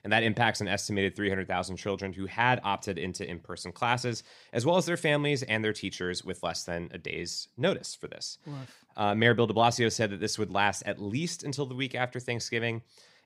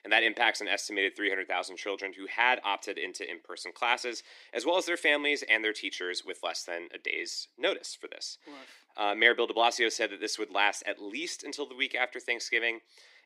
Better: first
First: none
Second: thin; somewhat; fading below 300 Hz

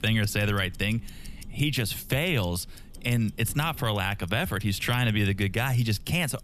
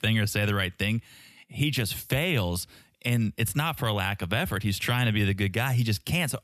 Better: second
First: household noises; faint; throughout; 20 dB below the speech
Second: none

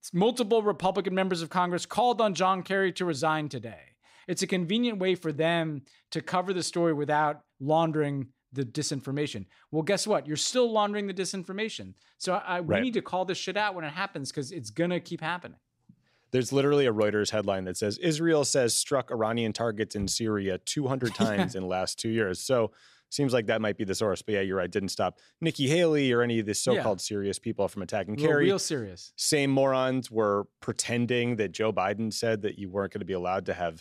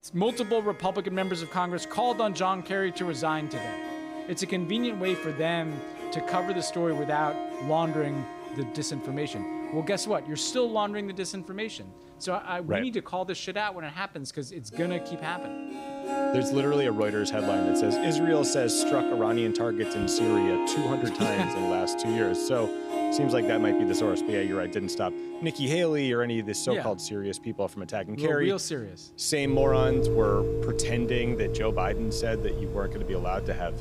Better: first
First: none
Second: background music; loud; throughout; 1 dB below the speech

